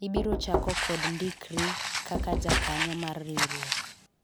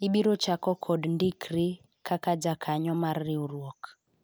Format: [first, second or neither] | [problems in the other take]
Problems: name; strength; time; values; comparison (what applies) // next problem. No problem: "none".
second | background sound (Walk, footsteps + Knock); 3 dB above the speech